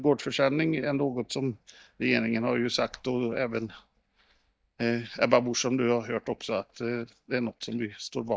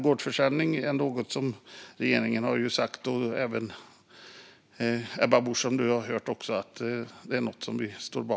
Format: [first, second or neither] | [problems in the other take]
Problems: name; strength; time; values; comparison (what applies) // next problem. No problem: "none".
second | noise reduction (neural mask model DeepFilterNet 3)